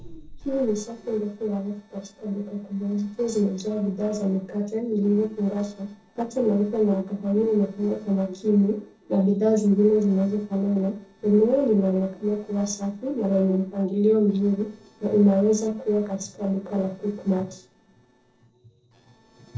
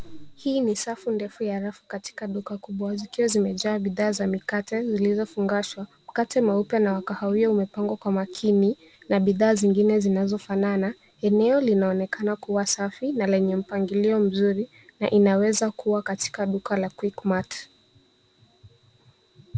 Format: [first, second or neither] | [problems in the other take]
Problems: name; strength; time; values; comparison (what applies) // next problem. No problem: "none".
second | noise reduction (neural separator model SepFormer DNS4)